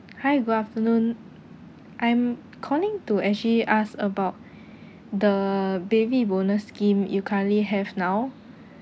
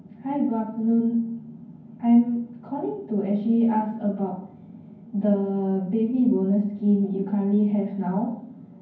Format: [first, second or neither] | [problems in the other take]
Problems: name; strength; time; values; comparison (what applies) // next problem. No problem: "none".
first | room echo; dies away in 0.9 s